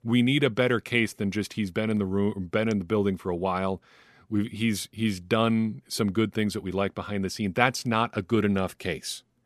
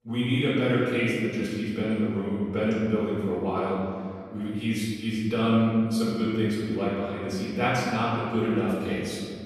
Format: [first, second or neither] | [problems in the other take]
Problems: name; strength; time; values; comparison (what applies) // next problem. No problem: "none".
first | room echo; strong; dies away in 2.1 s // off-mic speech; far